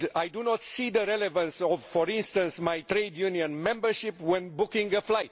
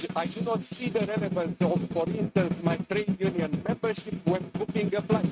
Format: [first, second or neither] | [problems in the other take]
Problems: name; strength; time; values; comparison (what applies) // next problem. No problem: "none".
first | noise reduction (neural mask model RNNoise)